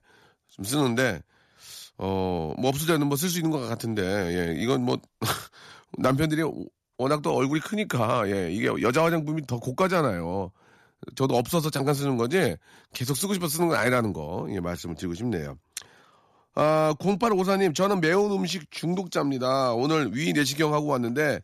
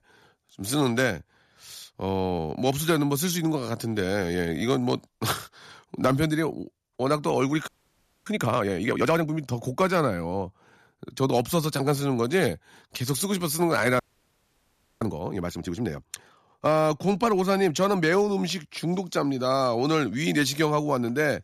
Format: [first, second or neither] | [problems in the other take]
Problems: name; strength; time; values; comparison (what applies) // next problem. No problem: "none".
first | audio freezing; at 7.5 s for 0.5 s and at 14 s for 1 s